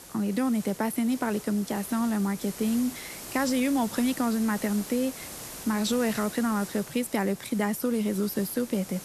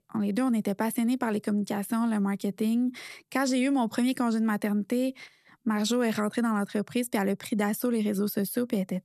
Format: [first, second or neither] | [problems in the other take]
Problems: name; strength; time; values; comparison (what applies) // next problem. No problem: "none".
second | hiss; noticeable; throughout; 10 dB below the speech